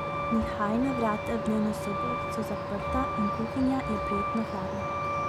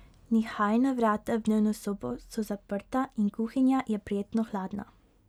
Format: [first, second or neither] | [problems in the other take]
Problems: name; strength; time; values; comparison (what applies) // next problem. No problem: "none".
second | background sound (Truck); as loud as the speech